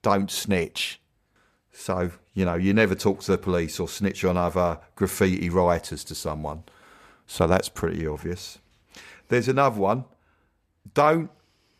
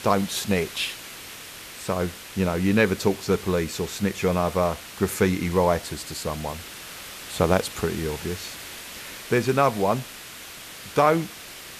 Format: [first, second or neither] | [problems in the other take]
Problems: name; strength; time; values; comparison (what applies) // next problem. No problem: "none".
first | hiss; noticeable; throughout; 15 dB below the speech